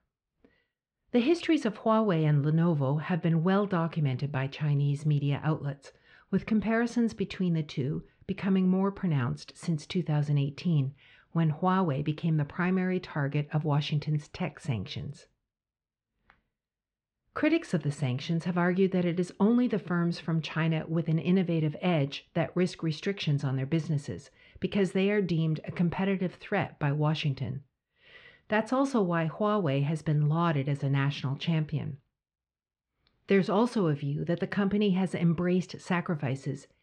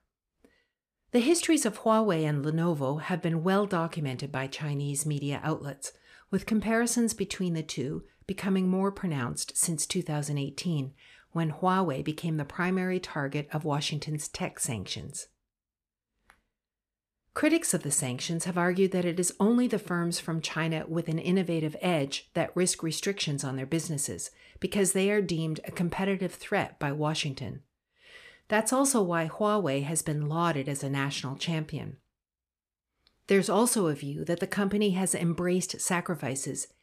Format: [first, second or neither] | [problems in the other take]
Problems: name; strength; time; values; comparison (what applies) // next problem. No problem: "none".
second | muffled; slightly; fading above 4 kHz